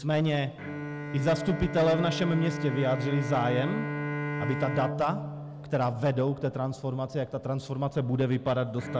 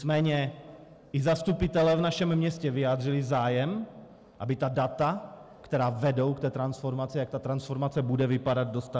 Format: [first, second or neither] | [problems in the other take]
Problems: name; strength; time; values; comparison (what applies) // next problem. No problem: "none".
second | background sound (Bowed string instrument); 7 dB below the speech